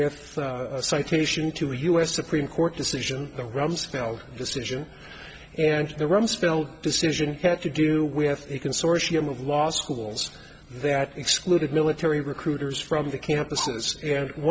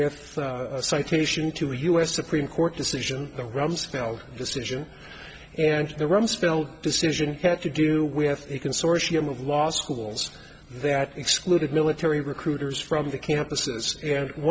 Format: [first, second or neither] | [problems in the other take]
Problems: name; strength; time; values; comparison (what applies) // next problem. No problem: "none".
second | background sound (Bark); 17 dB below the speech